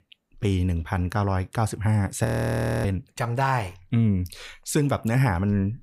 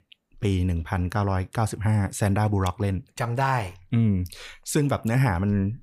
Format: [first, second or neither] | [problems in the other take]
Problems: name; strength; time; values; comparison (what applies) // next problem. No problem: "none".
second | audio freezing; at 2.5 s for 0.5 s